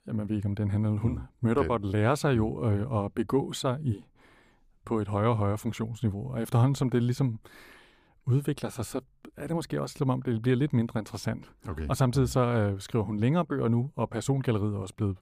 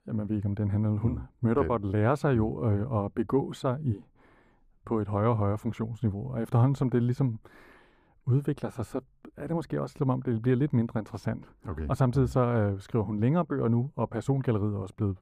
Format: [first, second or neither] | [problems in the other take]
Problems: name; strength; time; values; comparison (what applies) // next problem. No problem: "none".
first | muffled; slightly; fading above 2 kHz